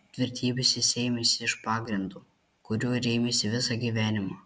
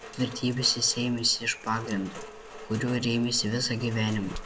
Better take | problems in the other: first | background sound (Rain); 14 dB below the speech

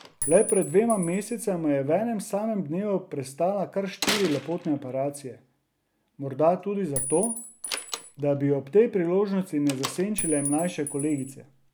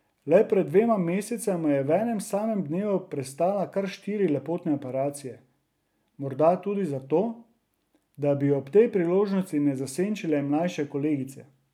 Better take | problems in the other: second | background sound (Chink, clink + Slam); 10 dB below the speech

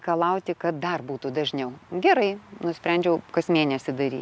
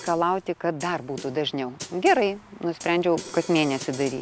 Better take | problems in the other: first | background sound (Snare drum); 17 dB below the speech

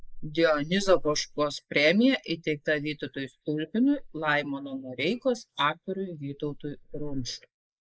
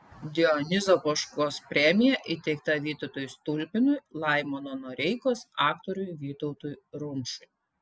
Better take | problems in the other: second | noise reduction (neural mask model Resemble Enhance denoiser)

